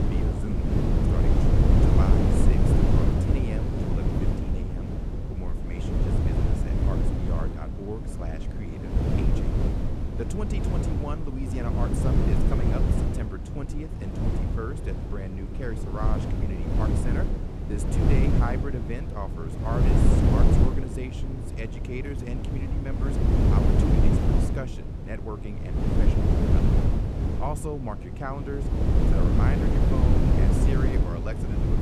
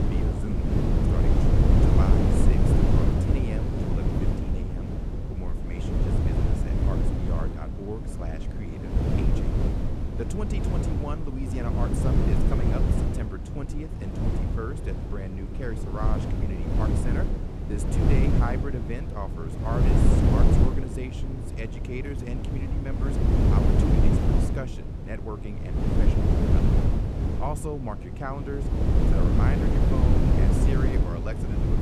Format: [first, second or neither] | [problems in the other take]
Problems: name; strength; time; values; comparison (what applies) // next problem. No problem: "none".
neither | wind noise on the microphone; heavy; 4 dB above the speech; the same in both